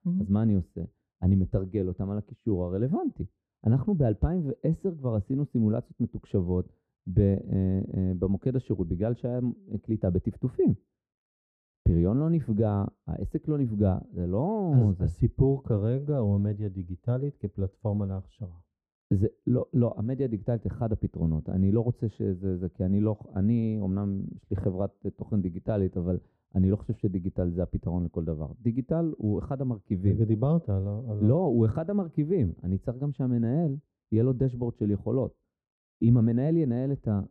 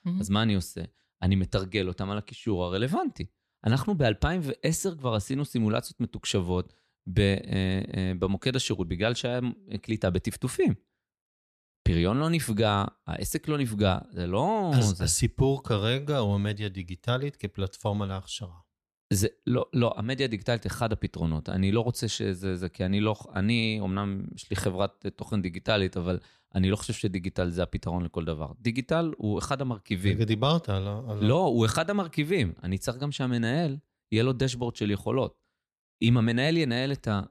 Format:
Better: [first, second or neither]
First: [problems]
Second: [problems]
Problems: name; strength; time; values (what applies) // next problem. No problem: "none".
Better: second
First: muffled; very; fading above 1.5 kHz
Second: none